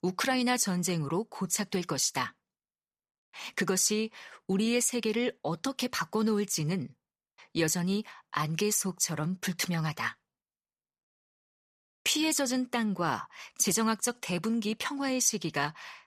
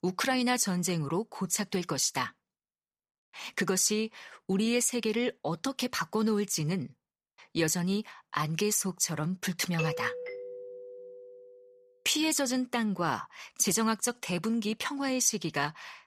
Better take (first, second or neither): first